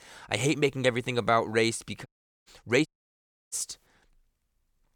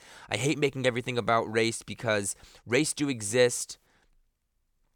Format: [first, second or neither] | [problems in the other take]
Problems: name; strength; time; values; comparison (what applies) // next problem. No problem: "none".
second | audio cutting out; at 2 s and at 3 s for 0.5 s